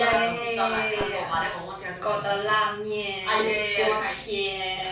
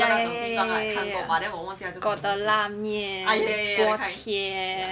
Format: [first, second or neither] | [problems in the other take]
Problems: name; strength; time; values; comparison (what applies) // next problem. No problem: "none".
second | background sound (Microwave oven); 19 dB below the speech // room echo; dies away in 0.4 s